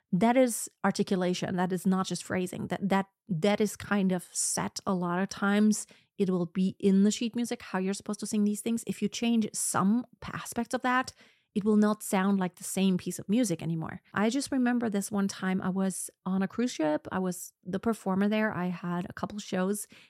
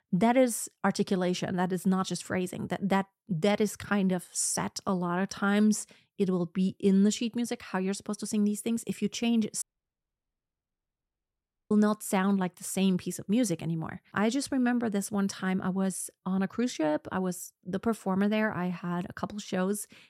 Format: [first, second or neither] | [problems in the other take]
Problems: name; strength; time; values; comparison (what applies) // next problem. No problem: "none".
first | audio cutting out; at 9.5 s for 2 s